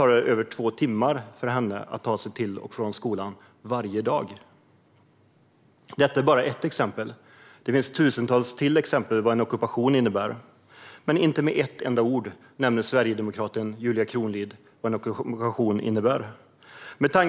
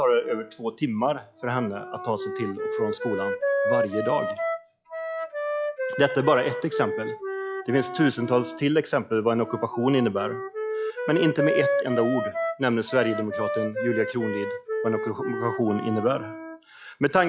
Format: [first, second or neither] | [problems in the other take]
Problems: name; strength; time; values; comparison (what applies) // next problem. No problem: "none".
first | noise reduction (classical method log-MMSE)